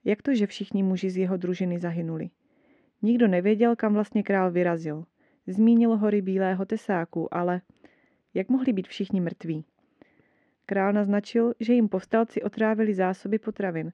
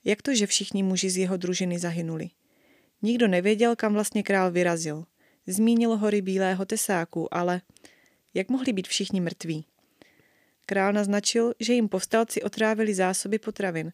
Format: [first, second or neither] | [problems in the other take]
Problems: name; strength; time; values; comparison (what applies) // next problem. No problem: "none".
second | muffled; very; fading above 2 kHz